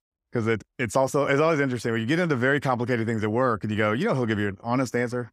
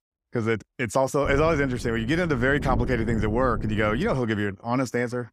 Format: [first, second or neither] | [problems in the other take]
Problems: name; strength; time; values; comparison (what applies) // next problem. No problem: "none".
first | wind noise on the microphone; occasional gusts; from 1 to 4 s; 15 dB below the speech